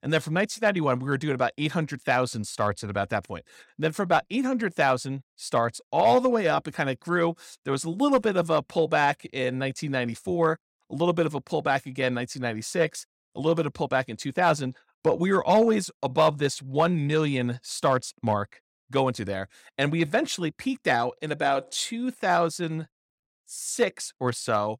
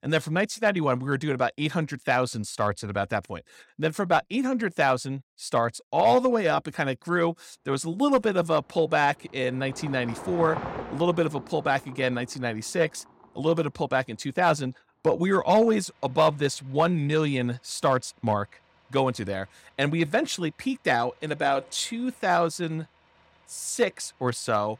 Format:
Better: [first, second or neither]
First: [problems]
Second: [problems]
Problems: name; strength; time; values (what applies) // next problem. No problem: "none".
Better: first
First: none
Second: traffic noise; noticeable; from 7.5 s on; 15 dB below the speech